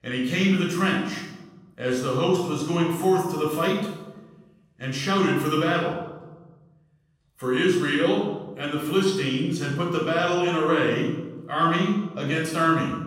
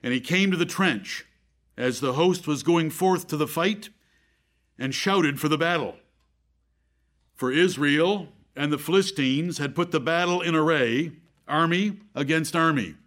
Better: second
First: off-mic speech; far // room echo; noticeable; dies away in 1 s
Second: none

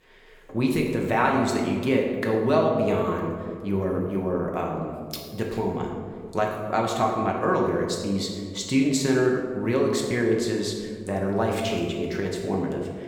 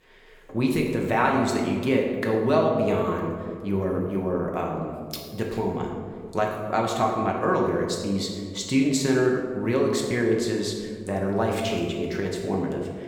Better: neither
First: room echo; noticeable; dies away in 1.4 s // off-mic speech; somewhat distant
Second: room echo; noticeable; dies away in 1.4 s // off-mic speech; somewhat distant

